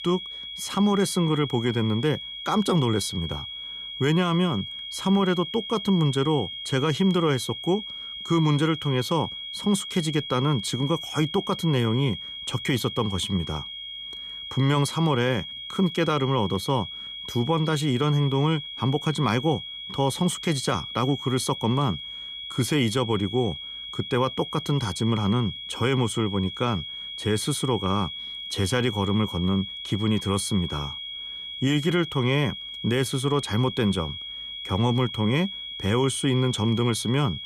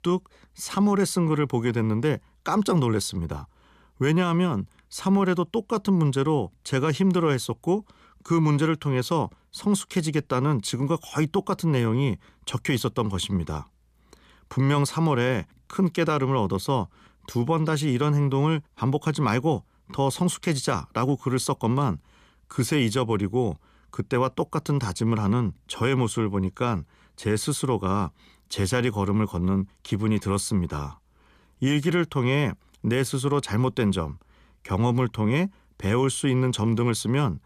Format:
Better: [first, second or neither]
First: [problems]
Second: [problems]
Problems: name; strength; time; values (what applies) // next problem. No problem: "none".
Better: second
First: high-pitched whine; loud; throughout; 3.5 kHz, 8 dB below the speech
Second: none